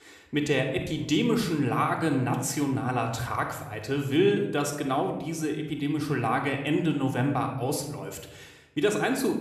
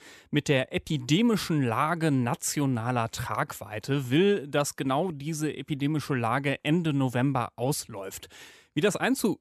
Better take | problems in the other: second | room echo; slight; dies away in 0.7 s

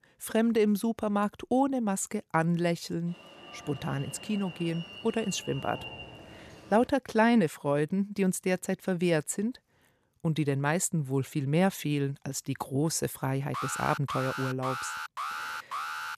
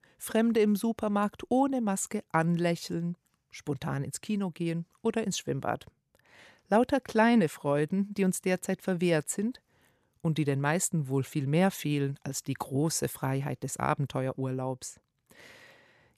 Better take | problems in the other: second | alarm; faint; from 3 to 7 s; peak 10 dB below the speech // alarm; noticeable; from 14 s on; peak 5 dB below the speech

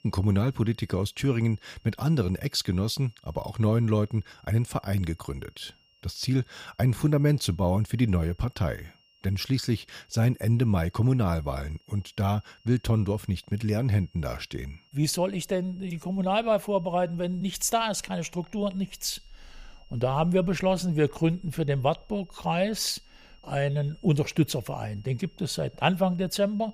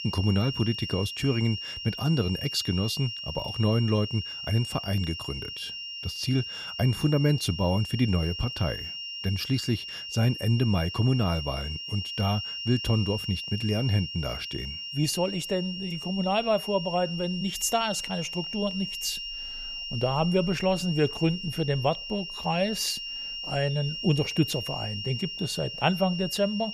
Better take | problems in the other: first | high-pitched whine; loud; throughout; 3 kHz, 6 dB below the speech; faint in the first

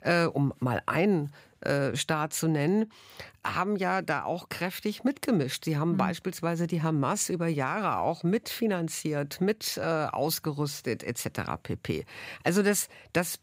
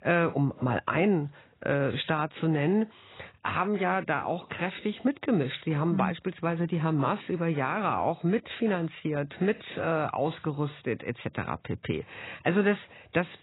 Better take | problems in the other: first | garbled, watery; badly; nothing above 4 kHz

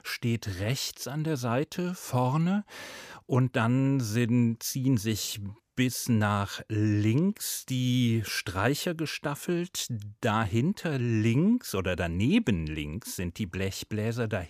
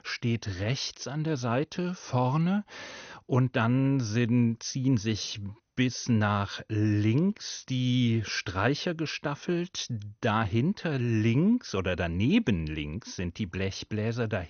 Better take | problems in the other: first | garbled, watery; slightly; nothing above 6.5 kHz

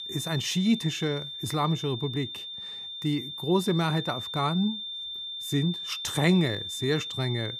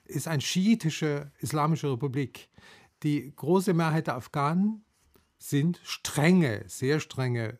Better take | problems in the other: second | high-pitched whine; loud; throughout; 3.5 kHz, 6 dB below the speech

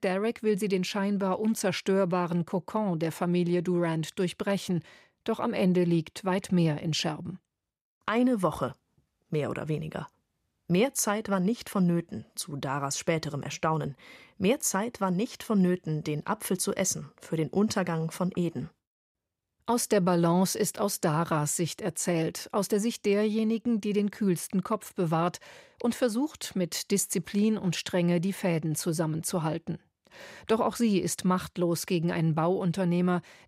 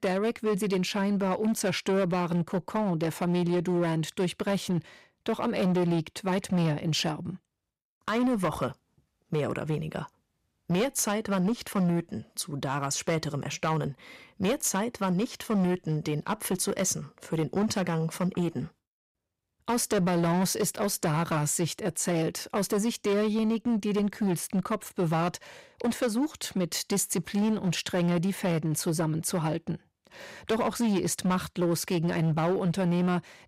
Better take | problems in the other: first | distortion; slight; 11% of the sound clipped

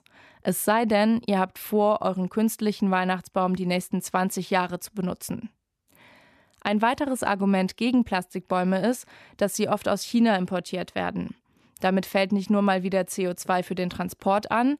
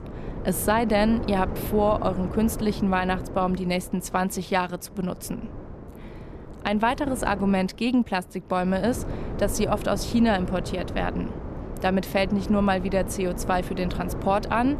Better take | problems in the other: first | wind noise on the microphone; occasional gusts; 15 dB below the speech

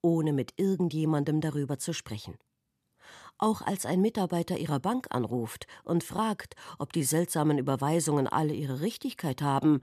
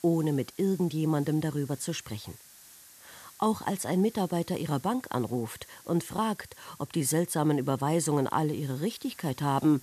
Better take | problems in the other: first | hiss; faint; throughout; 20 dB below the speech

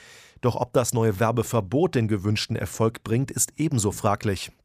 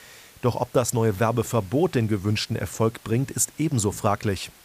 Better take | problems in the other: first | hiss; faint; throughout; 25 dB below the speech

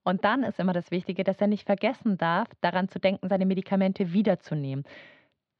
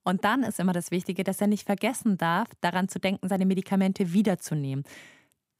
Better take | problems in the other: second | muffled; slightly; fading above 4.5 kHz

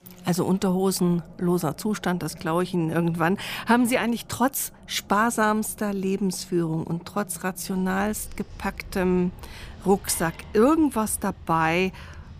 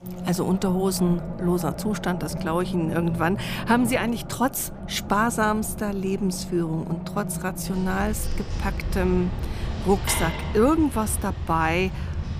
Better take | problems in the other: first | traffic noise; loud; throughout; 7 dB below the speech; faint in the first

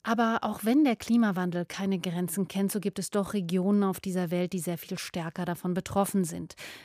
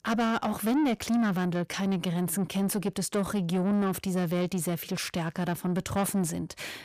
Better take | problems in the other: first | distortion; slight; 10 dB below the speech

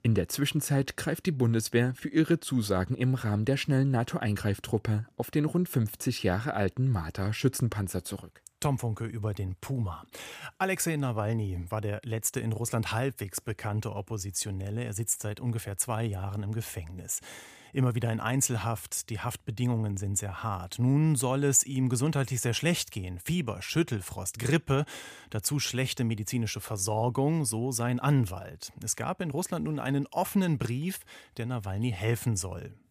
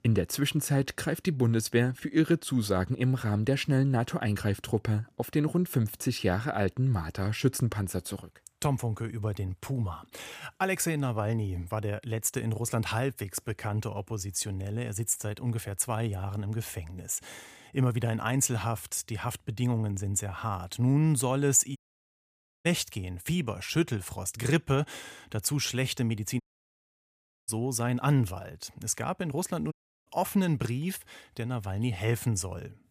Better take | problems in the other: first | audio cutting out; at 22 s for 1 s, at 26 s for 1 s and at 30 s

